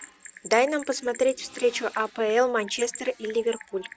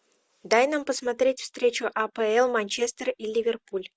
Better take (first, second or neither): second